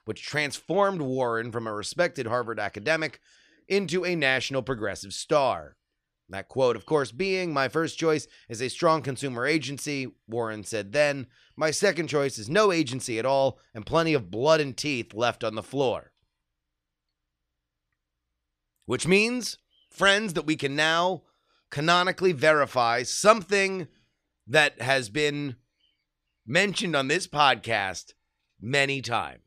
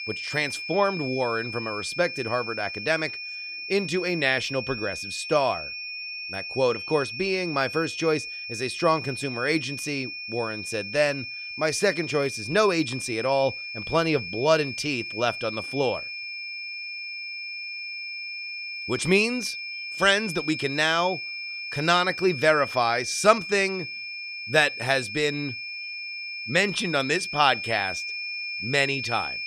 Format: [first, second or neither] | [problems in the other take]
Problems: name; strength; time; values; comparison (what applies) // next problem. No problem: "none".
first | high-pitched whine; loud; throughout; 2.5 kHz, 7 dB below the speech